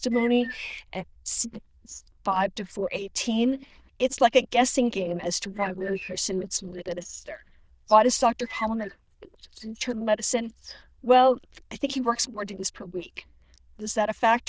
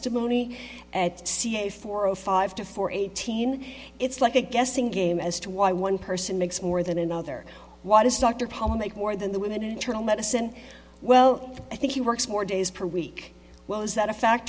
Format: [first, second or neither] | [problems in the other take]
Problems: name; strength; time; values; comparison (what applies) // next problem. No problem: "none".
second | noise reduction (neural diffusion model UNIVERSE++)